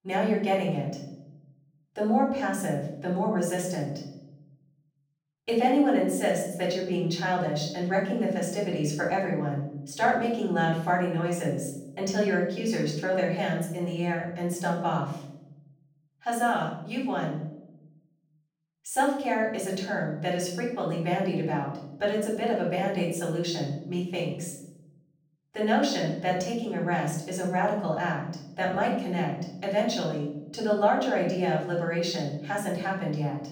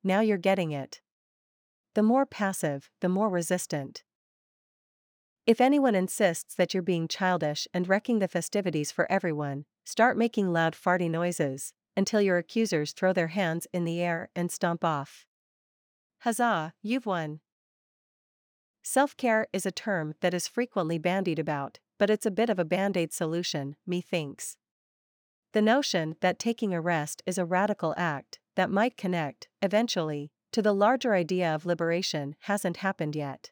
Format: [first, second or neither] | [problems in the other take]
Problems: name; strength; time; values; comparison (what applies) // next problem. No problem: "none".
second | off-mic speech; far // room echo; noticeable; dies away in 0.8 s